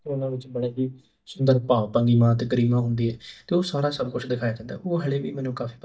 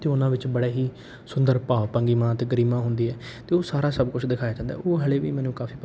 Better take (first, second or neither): second